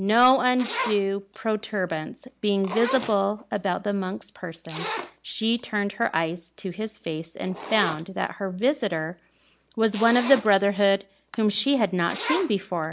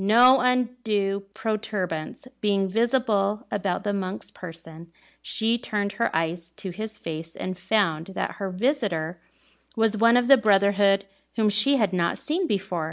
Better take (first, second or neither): second